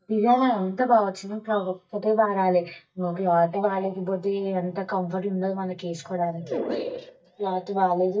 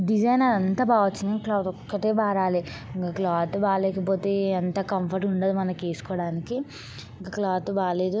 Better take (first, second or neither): second